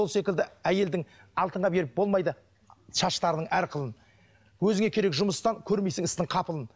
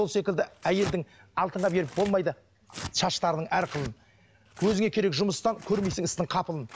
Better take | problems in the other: first | background sound (Tearing); 17 dB below the speech

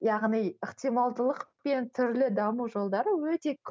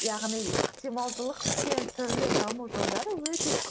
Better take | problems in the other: first | background sound (Chewing, mastication); 3 dB above the speech

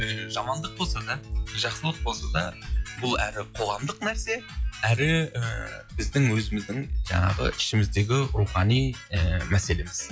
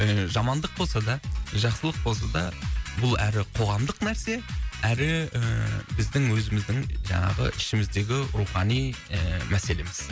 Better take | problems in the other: second | noise reduction (classical method log-MMSE)

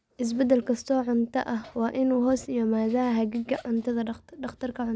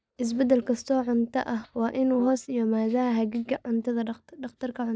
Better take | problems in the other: first | noise reduction (neural mask model DeepFilterNet 3)

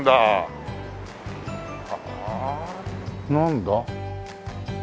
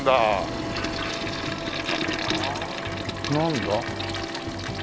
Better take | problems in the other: first | background sound (Printer + Toilet flush); 2 dB below the speech

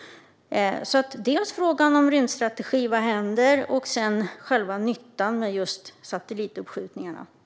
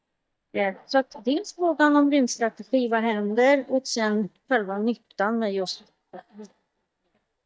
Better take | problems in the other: first | noise reduction (neural mask model DeepFilterNet 3)

